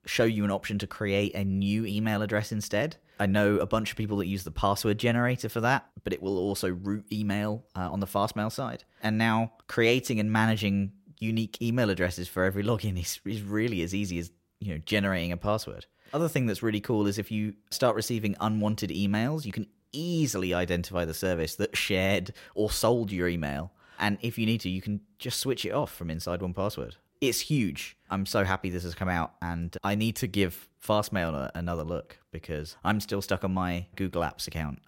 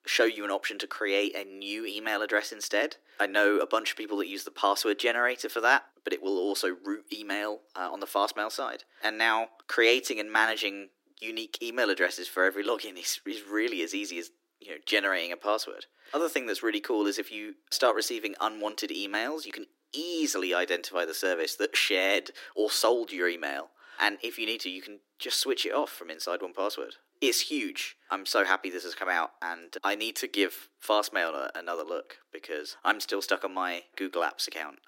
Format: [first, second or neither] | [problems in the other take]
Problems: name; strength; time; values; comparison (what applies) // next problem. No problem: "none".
first | thin; very; fading below 300 Hz